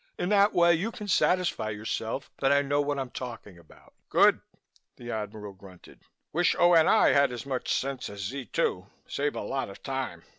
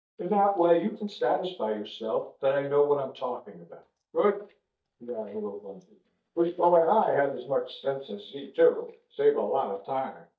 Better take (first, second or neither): first